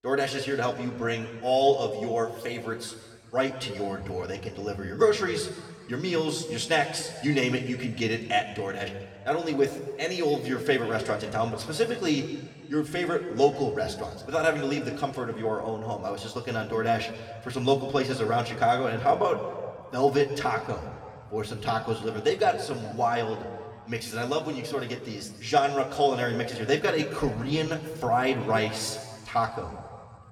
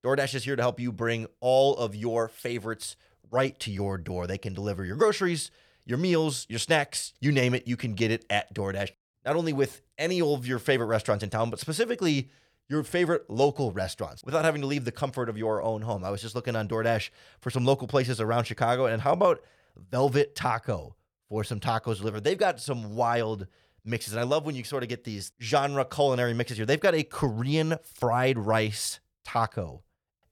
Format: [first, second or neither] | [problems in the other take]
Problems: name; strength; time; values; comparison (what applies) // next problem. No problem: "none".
second | room echo; slight; dies away in 1.9 s // off-mic speech; somewhat distant